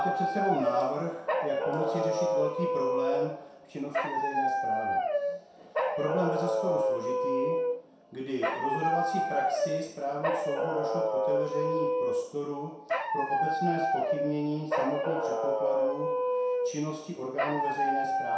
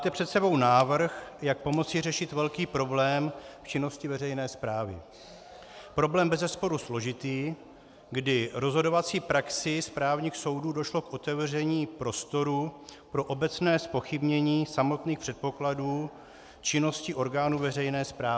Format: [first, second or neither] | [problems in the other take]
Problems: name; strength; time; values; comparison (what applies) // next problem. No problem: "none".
second | background sound (Dog); 5 dB above the speech // room echo; dies away in 0.7 s